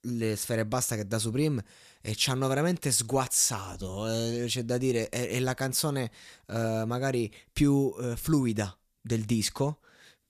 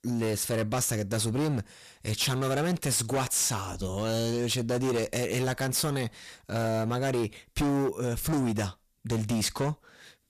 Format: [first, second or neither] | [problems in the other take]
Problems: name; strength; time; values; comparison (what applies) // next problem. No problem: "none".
first | distortion; heavy; 18% of the sound clipped